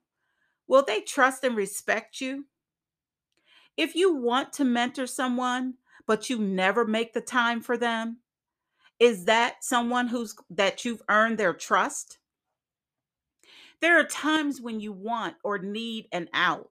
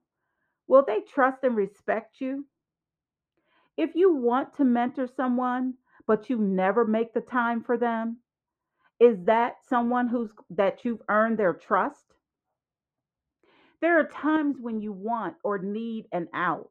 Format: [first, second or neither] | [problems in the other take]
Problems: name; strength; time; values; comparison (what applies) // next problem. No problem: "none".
first | muffled; very; fading above 3 kHz